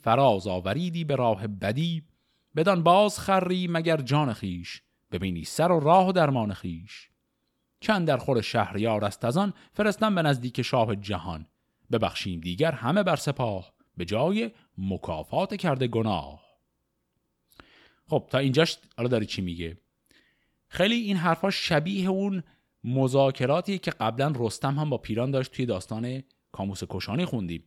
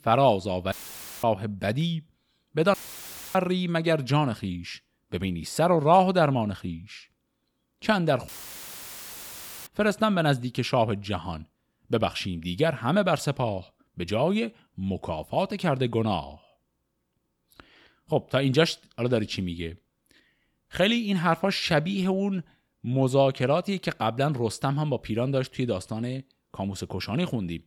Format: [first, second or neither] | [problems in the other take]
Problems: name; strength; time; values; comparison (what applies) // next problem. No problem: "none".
first | audio cutting out; filled with static; at 0.5 s for 0.5 s, at 2.5 s for 0.5 s and at 8.5 s for 1.5 s